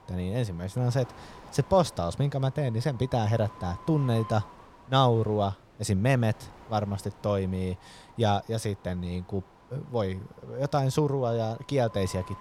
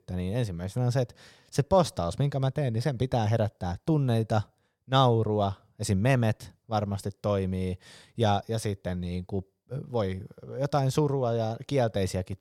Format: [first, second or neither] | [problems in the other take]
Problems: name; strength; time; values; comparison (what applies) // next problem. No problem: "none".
second | wind noise on the microphone; occasional gusts; 20 dB below the speech